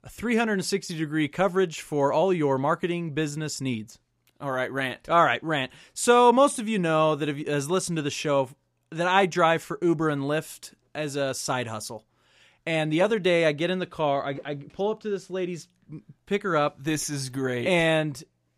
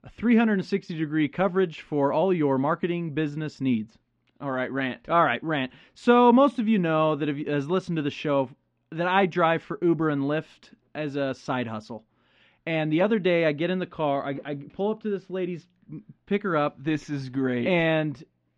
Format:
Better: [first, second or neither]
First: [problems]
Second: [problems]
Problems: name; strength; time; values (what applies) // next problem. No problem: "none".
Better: first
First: none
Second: muffled; slightly; fading above 3.5 kHz